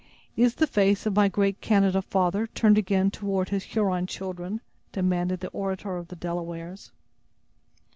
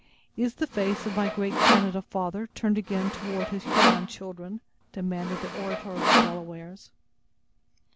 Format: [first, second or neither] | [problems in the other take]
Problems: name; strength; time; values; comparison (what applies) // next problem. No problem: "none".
first | background sound (Sawing); 3 dB above the speech